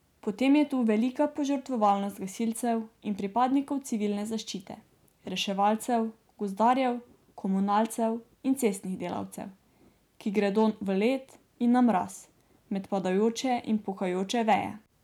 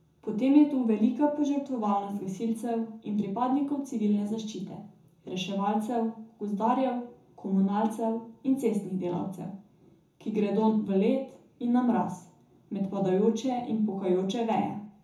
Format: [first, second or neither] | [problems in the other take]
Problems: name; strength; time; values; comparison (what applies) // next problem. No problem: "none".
first | room echo; dies away in 0.6 s